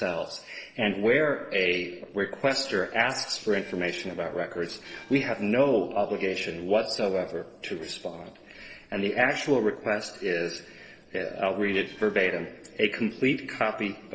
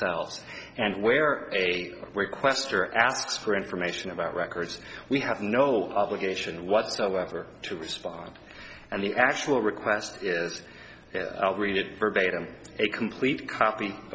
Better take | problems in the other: second | noise reduction (neural separator model SepFormer DNS4)

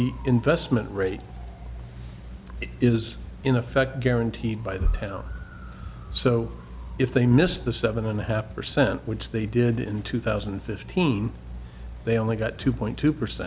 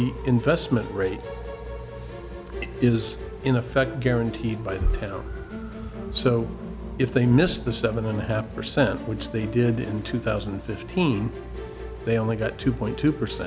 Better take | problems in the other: first | background sound (Musical instrument); 12 dB below the speech

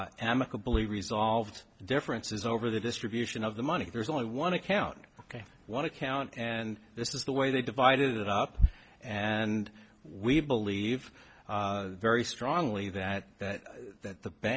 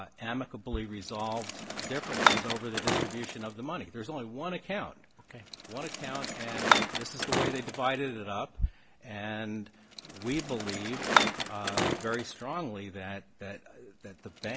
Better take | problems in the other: first | background sound (Bicycle); 3 dB above the speech

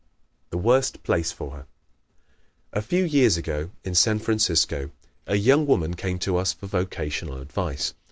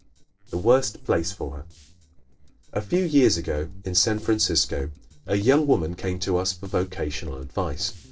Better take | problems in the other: first | noise reduction (neural separator model SepFormer DNS4)

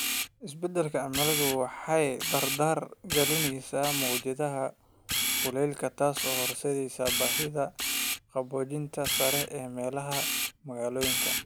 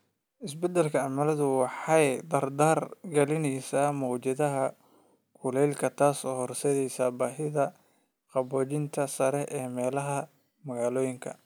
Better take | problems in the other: second | background sound (Camera); 2 dB below the speech

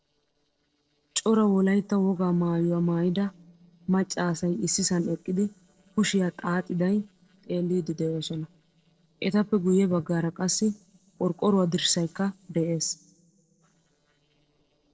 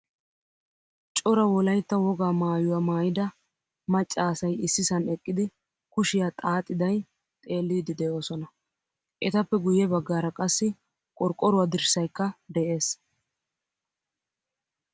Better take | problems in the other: second | noise reduction (neural separator model SepFormer DNS4)

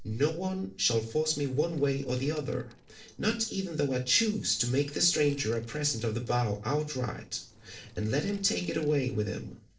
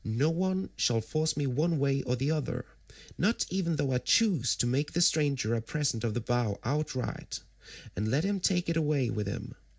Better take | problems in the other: second | noise reduction (neural separator model SepFormer DNS4)

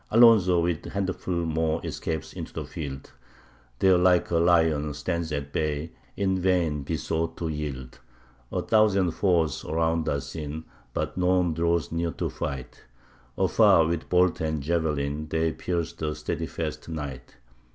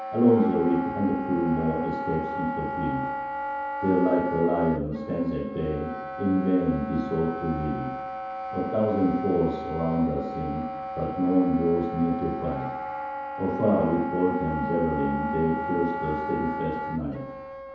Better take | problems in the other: first | background sound (Wind instrument, woodwind instrument); 7 dB below the speech // room echo; dies away in 0.9 s

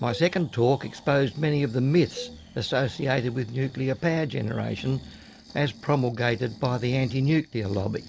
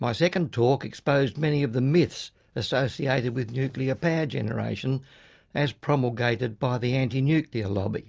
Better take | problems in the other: second | background sound (Cowbell + Breathing); 20 dB below the speech

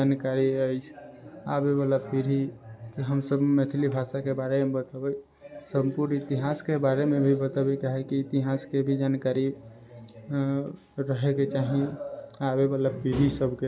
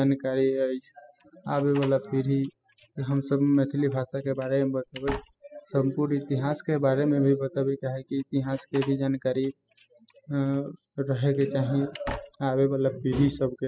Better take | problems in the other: first | noise reduction (classical method spectral subtraction)

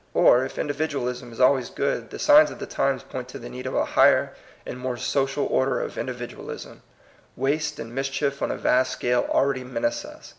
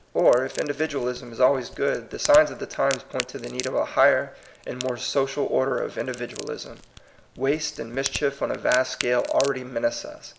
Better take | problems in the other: first | background sound (Crack); 15 dB below the speech

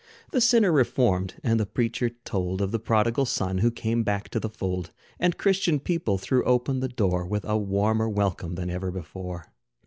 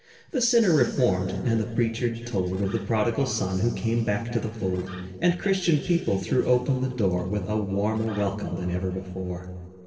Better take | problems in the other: first | noise reduction (neural separator model SepFormer DNS4)

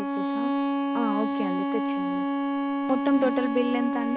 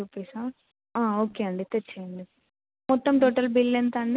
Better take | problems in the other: second | background sound (Bowed string instrument); 3 dB above the speech

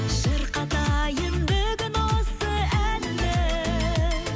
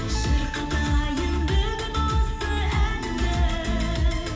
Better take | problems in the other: first | background sound (Trumpet); 16 dB below the speech // room echo; dies away in 1 s

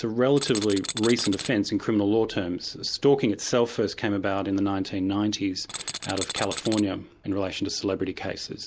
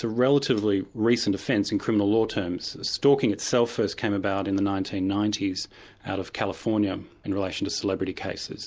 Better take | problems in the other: second | background sound (Tools); 8 dB below the speech

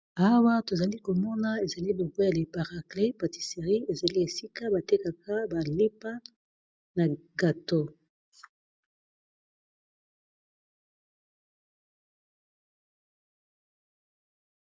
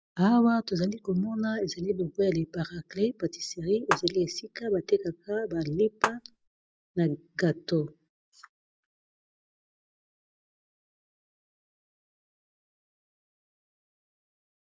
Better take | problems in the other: first | background sound (Clapping); as loud as the speech

